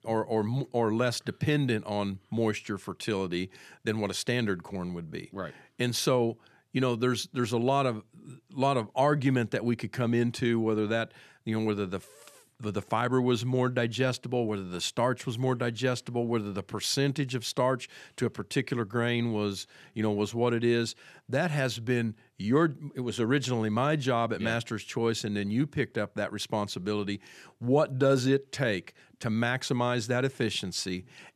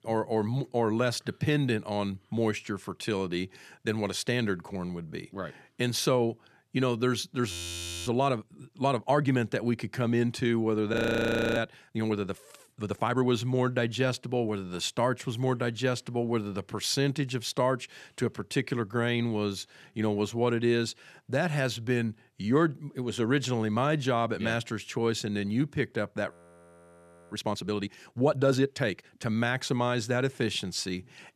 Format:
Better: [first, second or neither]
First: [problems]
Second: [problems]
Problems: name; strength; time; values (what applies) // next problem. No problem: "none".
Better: first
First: none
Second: audio freezing; at 7.5 s for 0.5 s, at 11 s for 0.5 s and at 26 s for 1 s